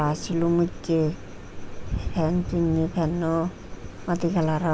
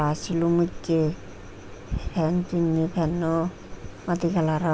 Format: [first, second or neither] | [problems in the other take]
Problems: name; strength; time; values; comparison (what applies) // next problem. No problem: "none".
second | background sound (Crow); 11 dB below the speech